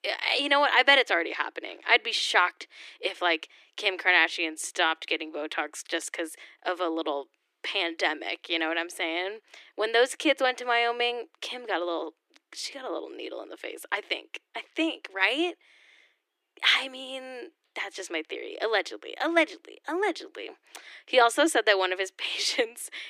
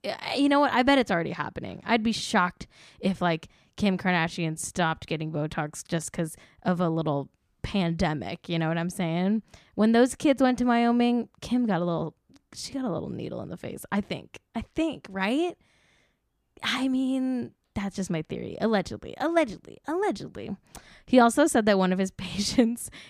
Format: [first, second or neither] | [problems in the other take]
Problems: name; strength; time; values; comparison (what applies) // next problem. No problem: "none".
second | thin; very; fading below 300 Hz